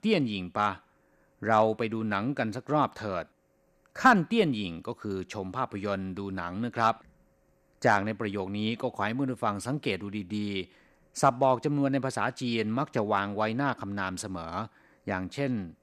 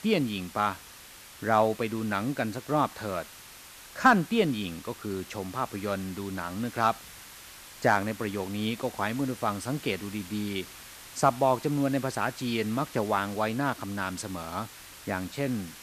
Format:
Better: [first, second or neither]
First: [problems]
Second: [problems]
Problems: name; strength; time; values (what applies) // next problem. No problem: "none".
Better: first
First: none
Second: hiss; noticeable; throughout; 15 dB below the speech